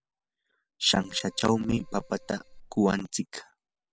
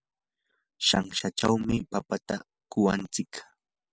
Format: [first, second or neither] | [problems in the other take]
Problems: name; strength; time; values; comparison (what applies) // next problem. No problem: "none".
second | background sound (Keyboard (musical)); 18 dB below the speech